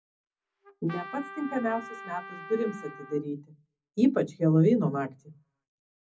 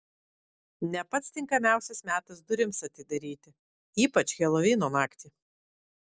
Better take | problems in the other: second | background sound (Trumpet); 14 dB below the speech // room echo; dies away in 0.4 s

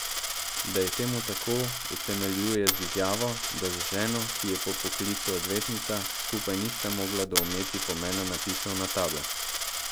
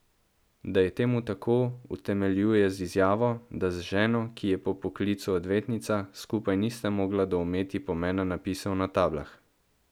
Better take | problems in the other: second | background sound (Coin (dropping)); as loud as the speech

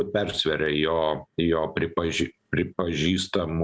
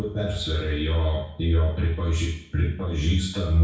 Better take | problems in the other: first | room echo; dies away in 0.6 s

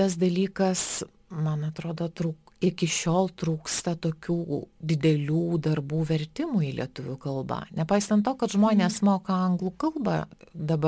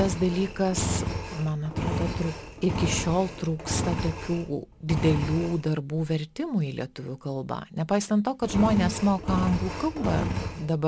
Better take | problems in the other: first | background sound (Engine); 5 dB below the speech

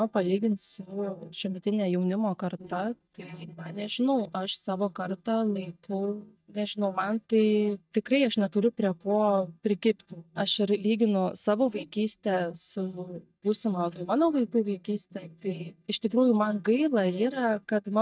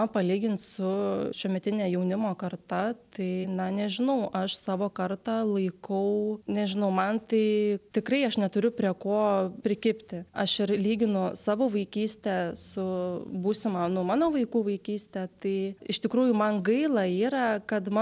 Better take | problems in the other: second | noise reduction (neural mask model DeepFilterNet 3)

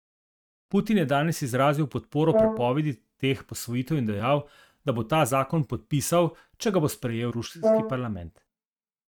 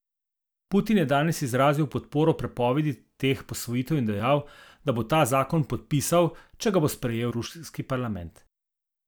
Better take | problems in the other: second | noise reduction (neural mask model RNNoise)

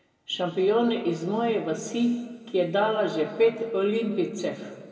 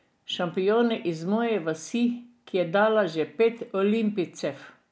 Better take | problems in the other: second | room echo; dies away in 1.8 s

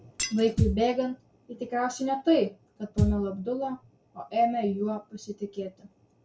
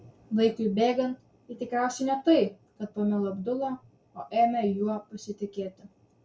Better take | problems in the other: second | background sound (Thump, thud + Shatter); 2 dB below the speech

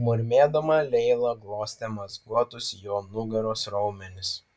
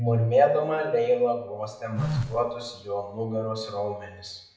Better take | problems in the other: first | background sound (Telephone); 7 dB below the speech // room echo; dies away in 0.7 s

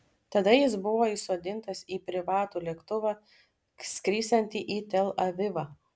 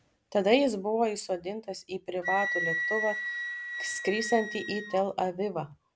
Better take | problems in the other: first | background sound (Wind instrument, woodwind instrument); 6 dB below the speech

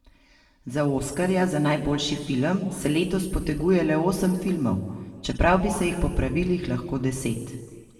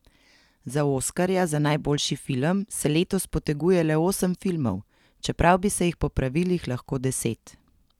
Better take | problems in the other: second | room echo; dies away in 1.7 s

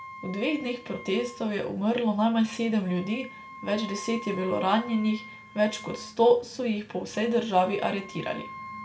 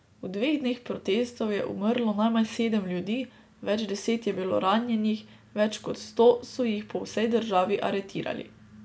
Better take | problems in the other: second | background sound (Wind instrument, woodwind instrument); 17 dB below the speech // room echo; dies away in 0.3 s

